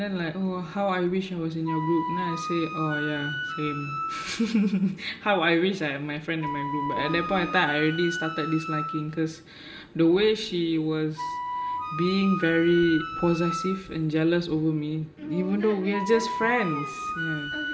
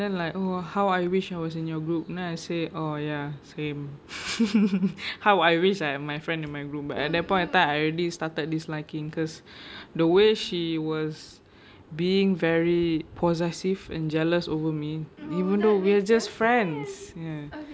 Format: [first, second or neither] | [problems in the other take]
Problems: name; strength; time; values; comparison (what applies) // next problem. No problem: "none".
second | background sound (Wind instrument, woodwind instrument); 8 dB below the speech // room echo; dies away in 1.3 s